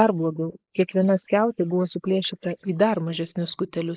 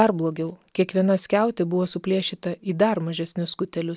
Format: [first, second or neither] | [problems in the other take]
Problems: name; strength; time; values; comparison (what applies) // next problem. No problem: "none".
second | noise reduction (neural mask model Resemble Enhance denoiser)